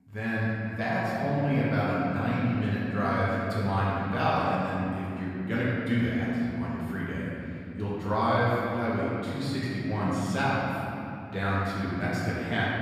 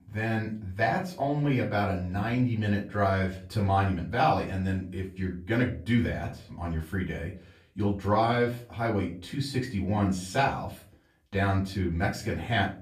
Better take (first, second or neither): second